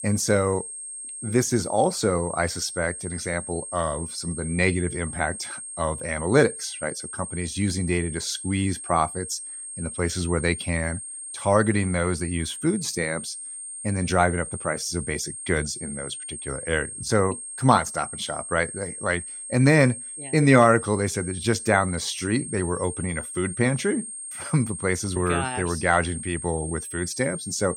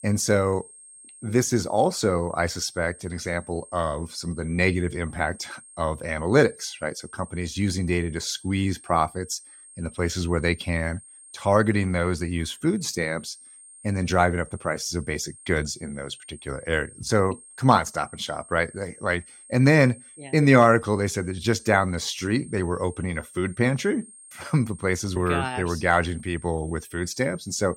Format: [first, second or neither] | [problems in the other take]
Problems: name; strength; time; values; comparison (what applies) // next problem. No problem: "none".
second | high-pitched whine; loud; throughout; 8.5 kHz, 9 dB below the speech; faint in the second